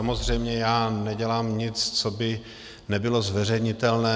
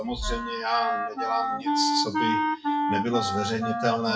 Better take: first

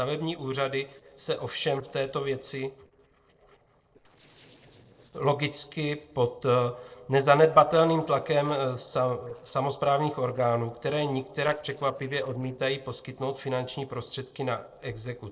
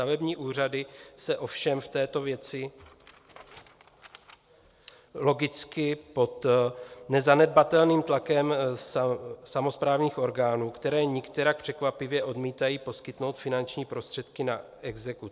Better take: second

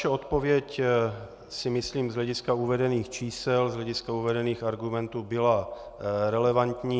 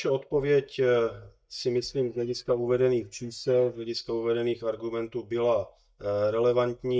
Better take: first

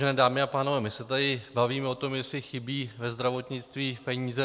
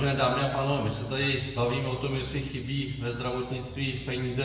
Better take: first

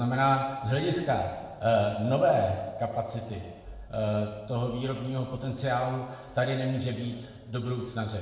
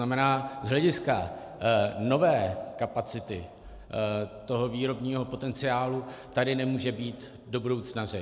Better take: second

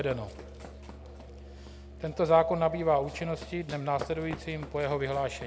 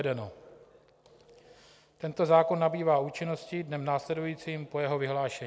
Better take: second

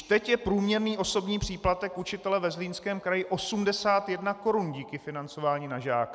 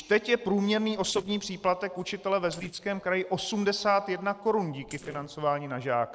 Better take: first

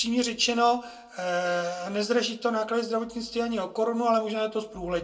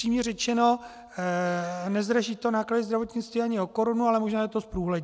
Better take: second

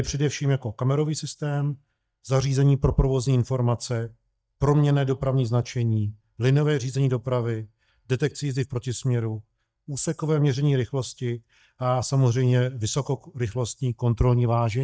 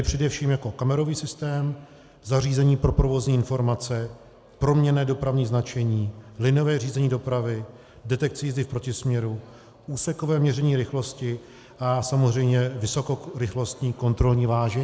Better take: second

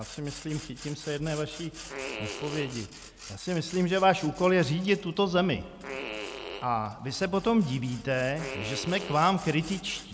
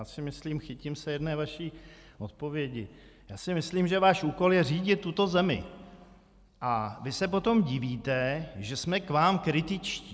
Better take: second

